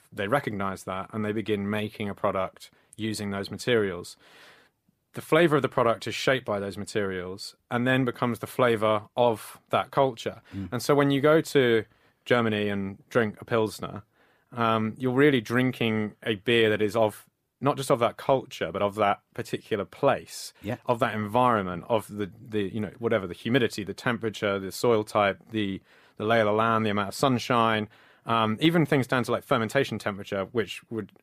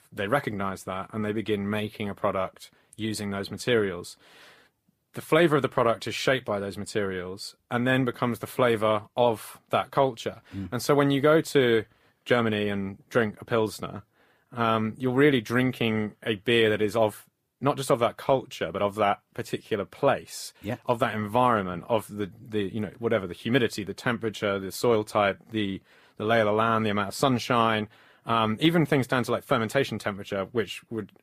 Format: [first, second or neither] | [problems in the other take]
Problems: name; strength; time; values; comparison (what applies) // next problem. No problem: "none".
first | garbled, watery; slightly; nothing above 15 kHz